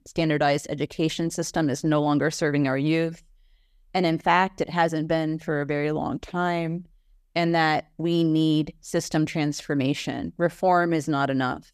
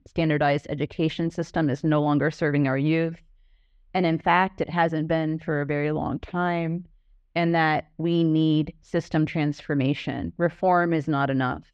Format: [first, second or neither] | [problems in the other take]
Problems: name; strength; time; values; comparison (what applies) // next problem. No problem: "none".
first | muffled; slightly; fading above 2.5 kHz